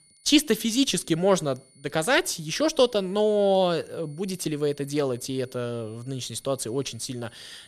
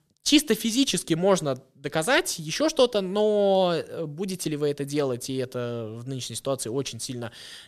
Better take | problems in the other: second | high-pitched whine; faint; throughout; 9.5 kHz, 30 dB below the speech

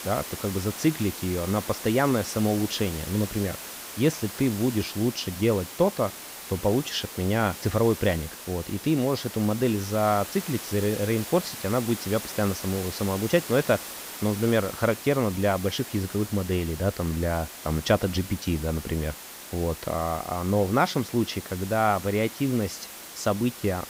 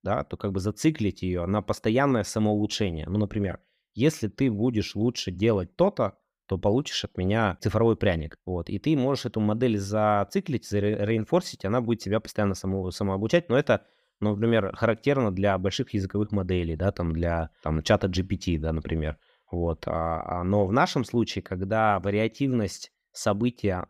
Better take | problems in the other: second | hiss; noticeable; throughout; 10 dB below the speech

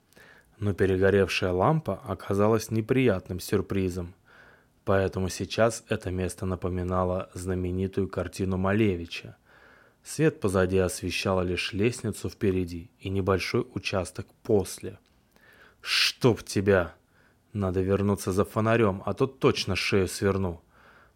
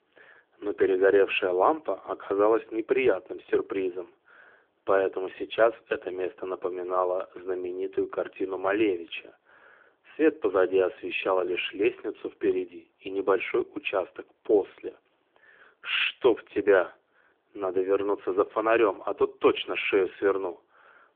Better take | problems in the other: first | phone-call audio

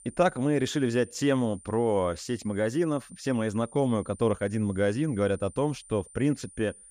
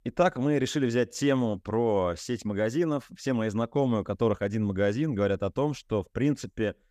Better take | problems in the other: second | high-pitched whine; faint; throughout; 9 kHz, 20 dB below the speech

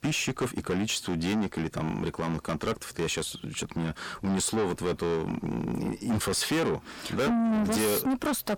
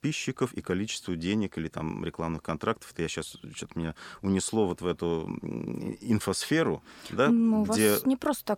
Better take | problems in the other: second | distortion; heavy; 6 dB below the speech

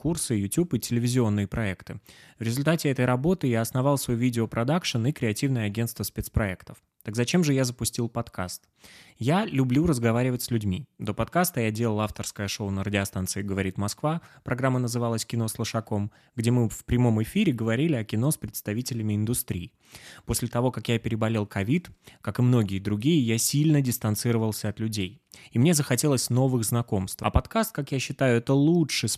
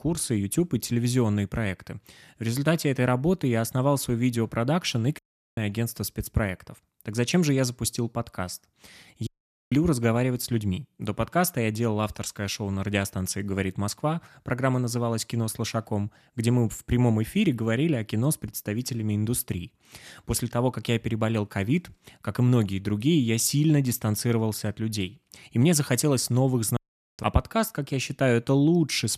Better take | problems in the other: first | audio cutting out; at 5 s, at 9.5 s and at 27 s

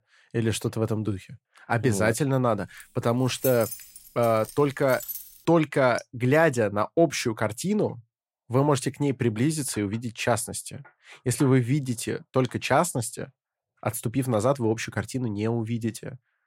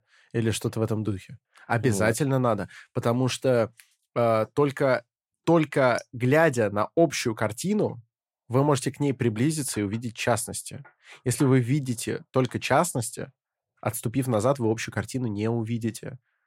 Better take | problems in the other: second | jangling keys; noticeable; from 3 to 5.5 s; peak 6 dB below the speech

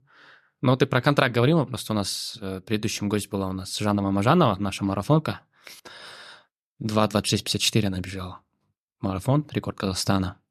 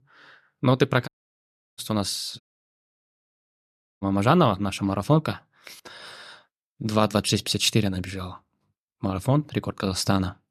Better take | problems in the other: first | audio cutting out; at 1 s for 0.5 s and at 2.5 s for 1.5 s

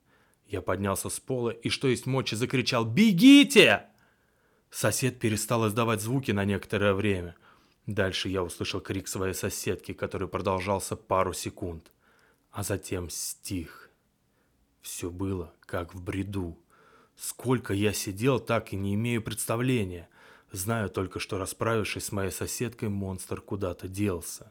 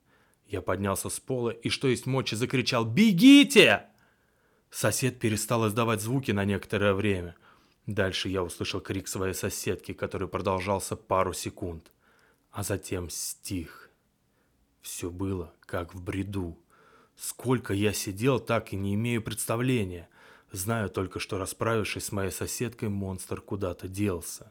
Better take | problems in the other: neither | none

